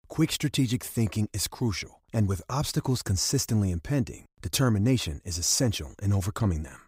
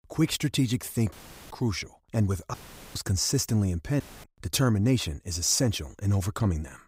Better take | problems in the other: first | audio cutting out; filled with static; at 1 s, at 2.5 s and at 4 s

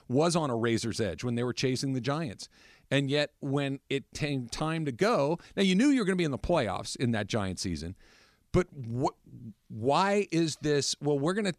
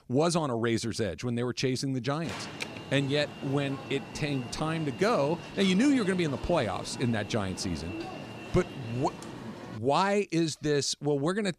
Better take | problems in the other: first | alarm; noticeable; from 2 to 10 s; peak 7 dB below the speech

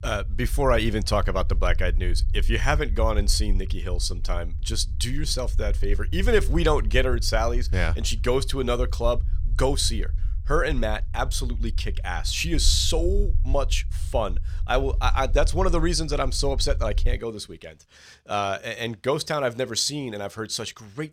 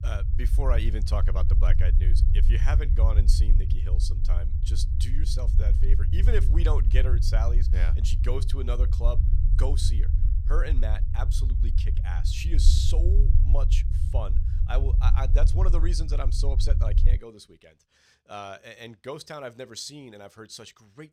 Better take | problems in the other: first | low rumble; loud; until 17 s; 7 dB below the speech; faint in the first

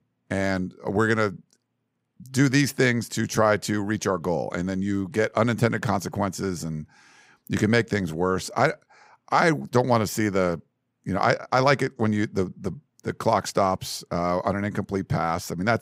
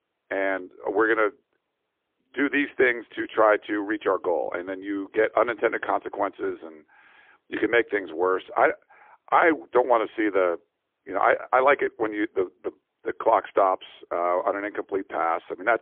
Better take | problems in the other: first | phone-call audio; poor line; nothing above 3.5 kHz

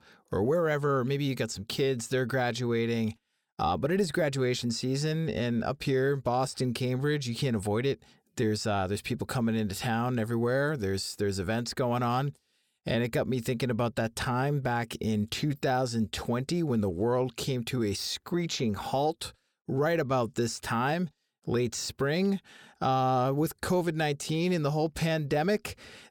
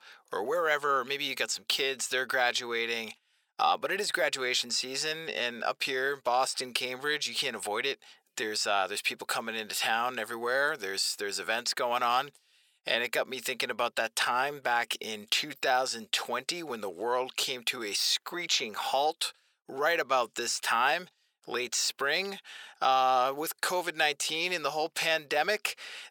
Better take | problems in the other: first | thin; very; fading below 750 Hz

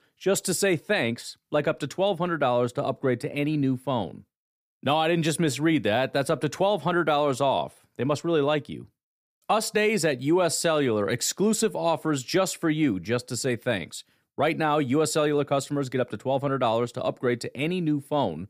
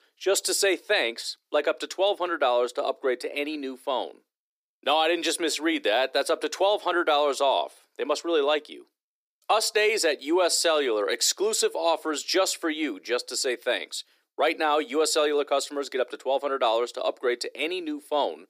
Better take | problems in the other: first | thin; somewhat; fading below 350 Hz

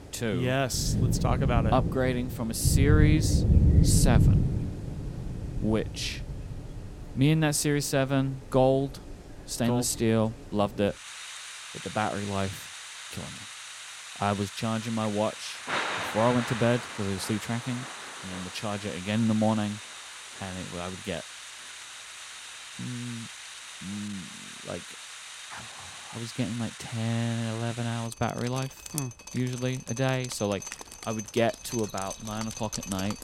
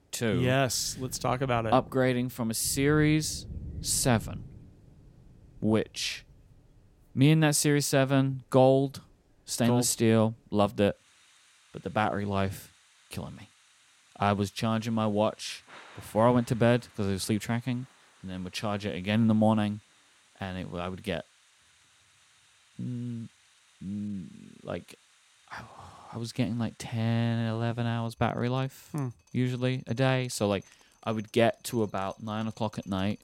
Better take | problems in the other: second | rain or running water; loud; throughout; 3 dB below the speech; faint in the second

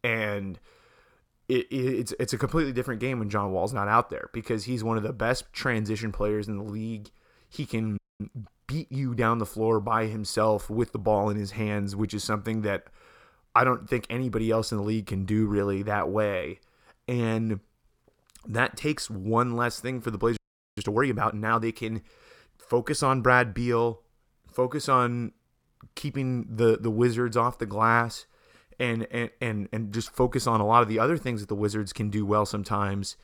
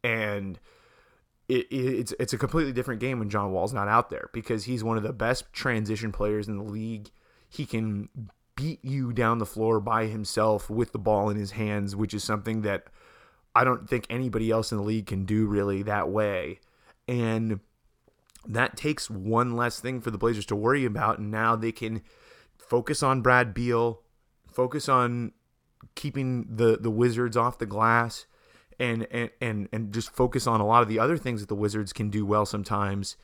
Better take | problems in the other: second | audio freezing; at 8 s and at 20 s

